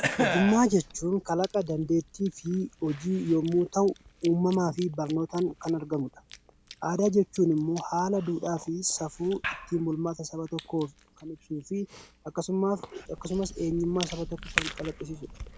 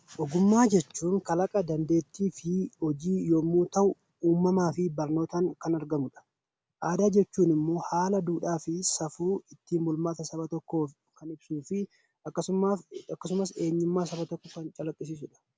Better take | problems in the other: second | background sound (Chewing, mastication / Cough); 11 dB below the speech

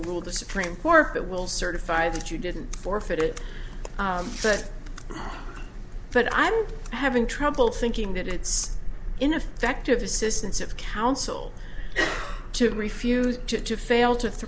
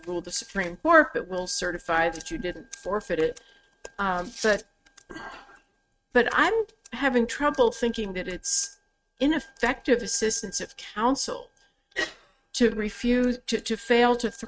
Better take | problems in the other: first | noise reduction (neural mask model RNNoise)

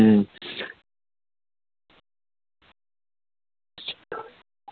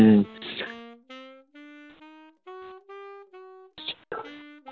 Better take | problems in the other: first | background sound (Wind instrument, woodwind instrument); 19 dB below the speech

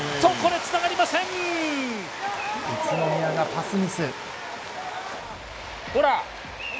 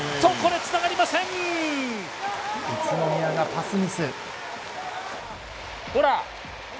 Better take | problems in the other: second | background sound (Bird vocalization, bird call, bird song); 18 dB below the speech

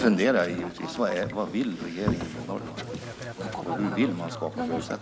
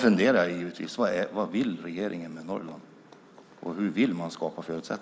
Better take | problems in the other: second | background sound (Boat, Water vehicle); 6 dB below the speech

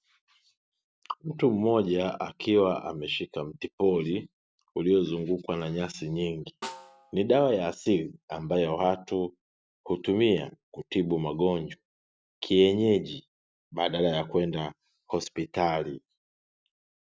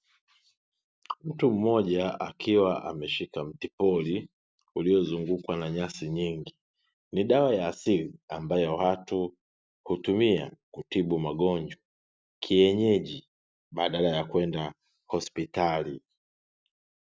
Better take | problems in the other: second | background sound (Snare drum); 19 dB below the speech

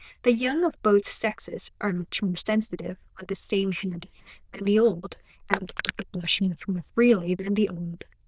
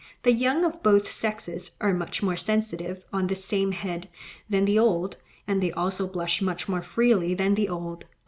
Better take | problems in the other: second | noise reduction (neural diffusion model UNIVERSE++)

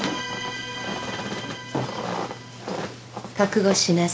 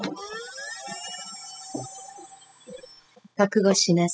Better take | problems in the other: first | noise reduction (classical method spectral subtraction)

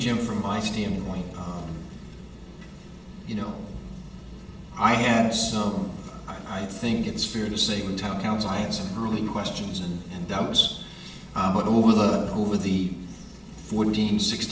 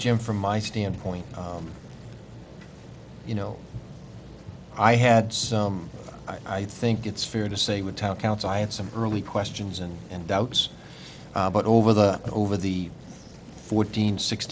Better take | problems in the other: second | room echo; dies away in 0.8 s

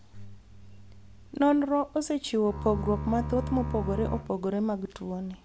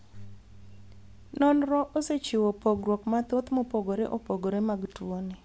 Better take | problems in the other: second | background sound (Bowed string instrument); 5 dB below the speech

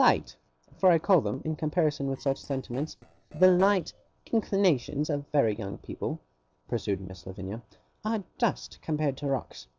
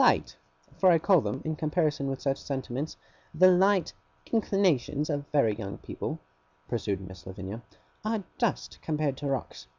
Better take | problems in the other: second | noise reduction (neural separator model SepFormer DNS4)

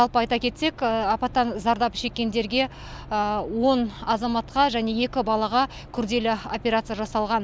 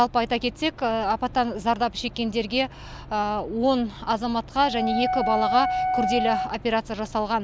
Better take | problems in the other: first | background sound (Wind instrument, woodwind instrument); 2 dB below the speech

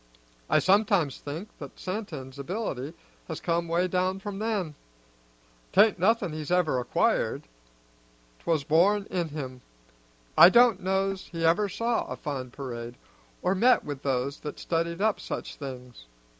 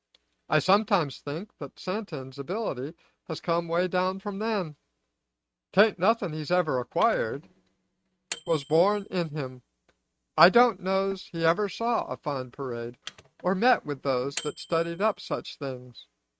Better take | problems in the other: first | noise reduction (neural mask model RNNoise)

